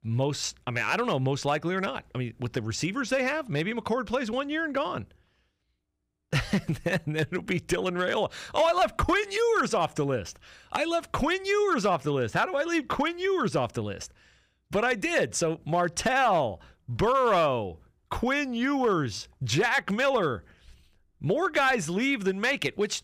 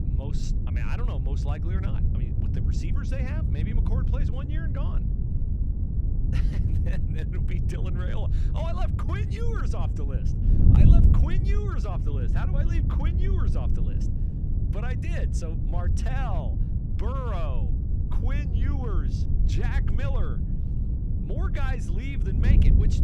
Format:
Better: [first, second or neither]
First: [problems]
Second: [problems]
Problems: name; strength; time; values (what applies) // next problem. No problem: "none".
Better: first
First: none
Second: wind noise on the microphone; heavy; 1 dB below the speech